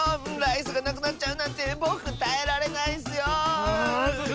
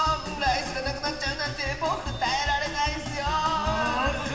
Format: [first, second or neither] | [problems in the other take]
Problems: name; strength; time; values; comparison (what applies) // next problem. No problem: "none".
first | room echo; dies away in 1.6 s